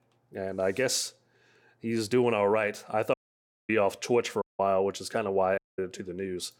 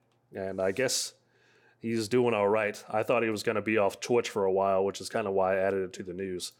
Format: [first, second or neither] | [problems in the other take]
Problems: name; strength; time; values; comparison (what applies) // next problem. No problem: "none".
second | audio cutting out; at 3 s for 0.5 s, at 4.5 s and at 5.5 s